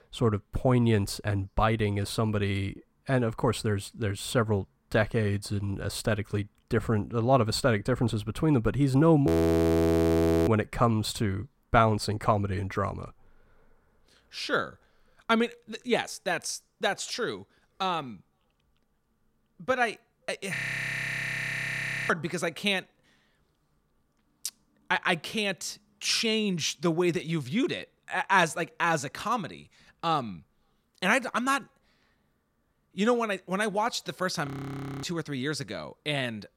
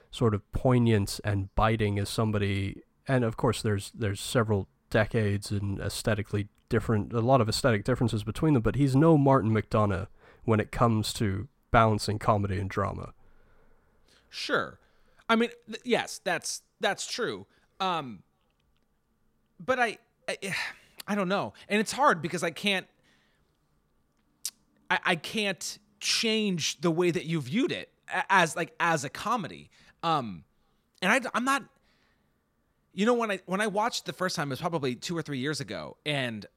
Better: second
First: audio freezing; at 9.5 s for 1 s, at 21 s for 1.5 s and at 34 s for 0.5 s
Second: none

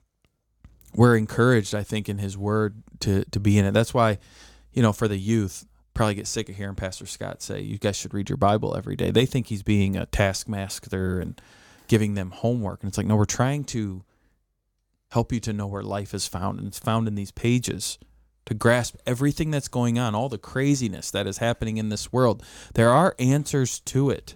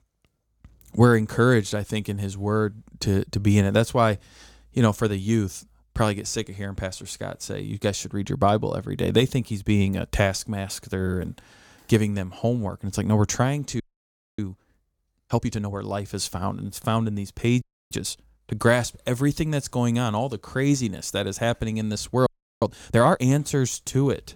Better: first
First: none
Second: audio freezing; at 14 s for 0.5 s, at 18 s and at 22 s

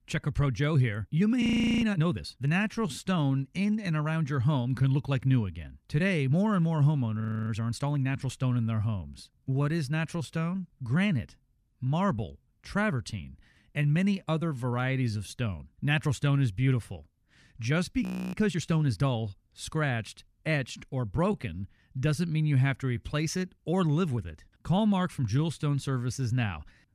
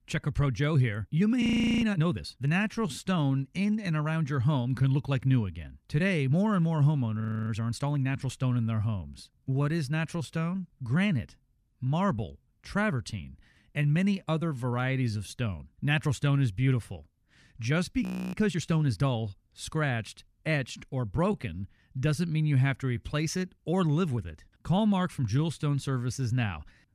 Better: neither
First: audio freezing; at 1.5 s, at 7 s and at 18 s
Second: audio freezing; at 1.5 s, at 7 s and at 18 s

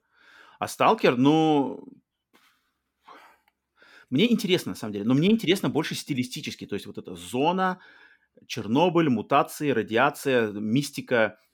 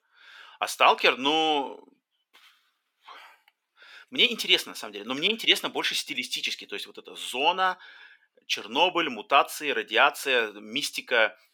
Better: first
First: none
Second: thin; somewhat; fading below 600 Hz

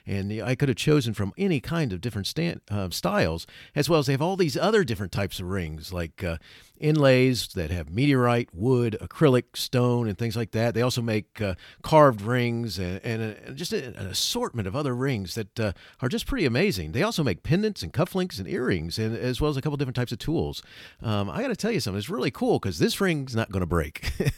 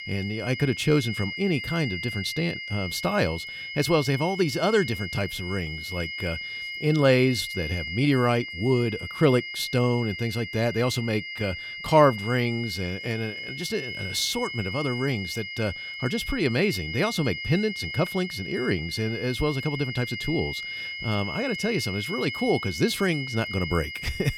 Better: first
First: none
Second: high-pitched whine; loud; throughout; 2 kHz, 7 dB below the speech

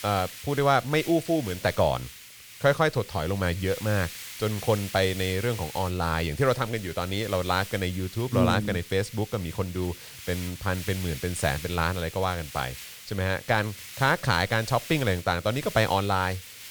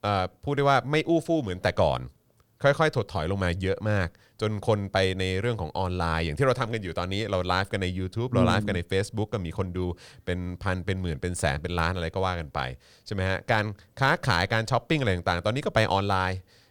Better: second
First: hiss; noticeable; throughout; 15 dB below the speech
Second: none

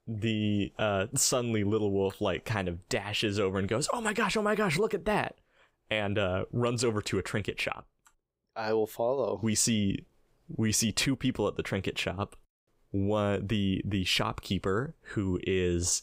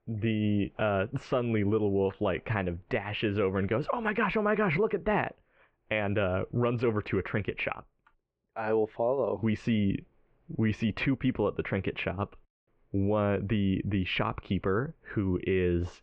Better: first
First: none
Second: muffled; very; fading above 2.5 kHz

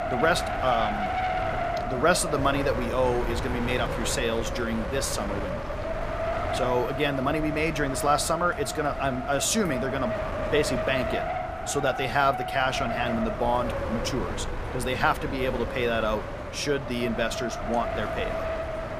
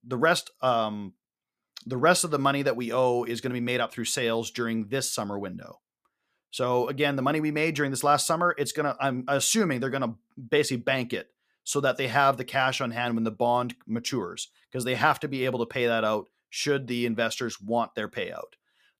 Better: second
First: wind noise on the microphone; heavy; 3 dB below the speech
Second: none

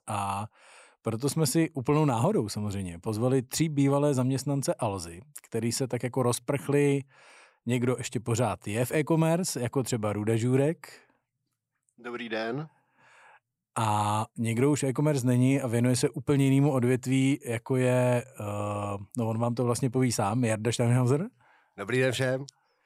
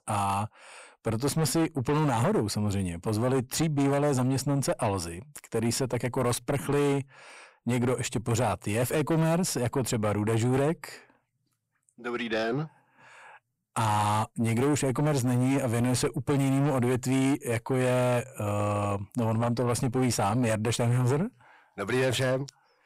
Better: first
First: none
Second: distortion; heavy; 6 dB below the speech

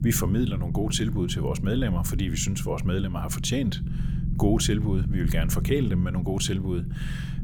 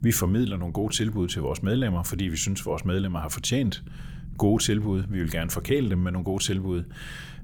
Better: second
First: low rumble; loud; throughout; 10 dB below the speech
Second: low rumble; faint; throughout; 25 dB below the speech

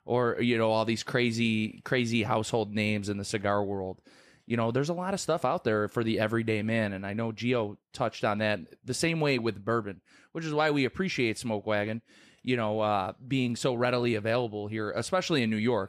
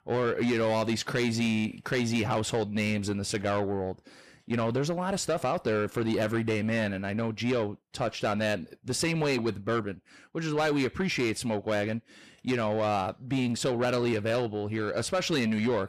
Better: first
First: none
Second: distortion; slight; 10 dB below the speech

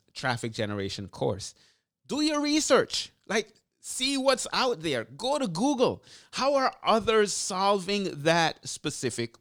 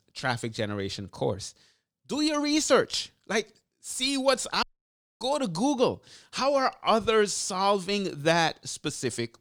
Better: first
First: none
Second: audio cutting out; at 4.5 s for 0.5 s

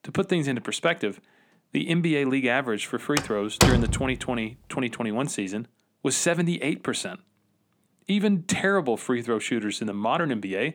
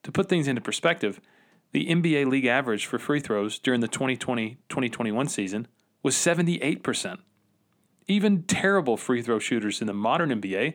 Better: second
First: door banging; loud; at 3 s; peak 6 dB above the speech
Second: none

